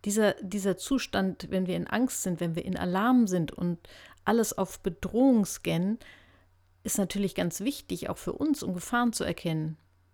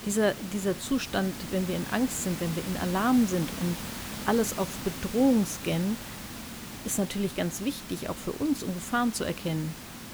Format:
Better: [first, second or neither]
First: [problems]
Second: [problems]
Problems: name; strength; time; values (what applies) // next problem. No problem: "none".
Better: first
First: none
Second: hiss; loud; throughout; 9 dB below the speech